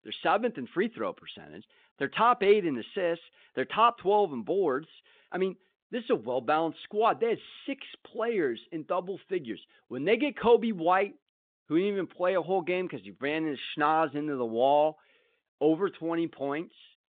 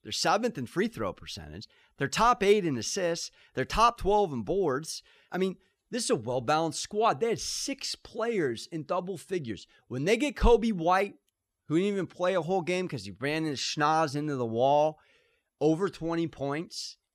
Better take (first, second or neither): second